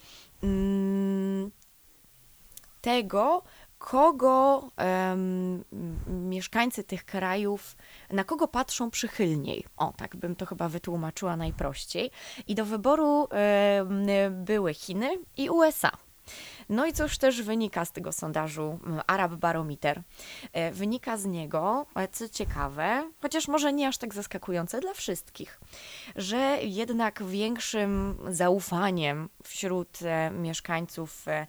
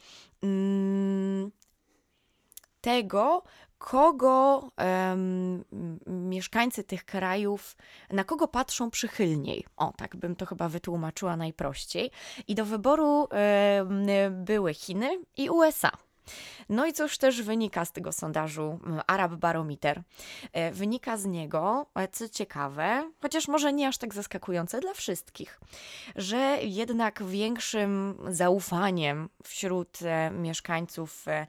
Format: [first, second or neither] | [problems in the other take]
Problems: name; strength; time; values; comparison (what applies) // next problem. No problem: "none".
second | hiss; faint; throughout; 20 dB below the speech